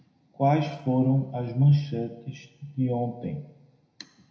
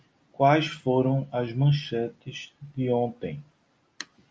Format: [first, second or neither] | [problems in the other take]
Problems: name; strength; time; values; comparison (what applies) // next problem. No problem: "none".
second | room echo; dies away in 0.8 s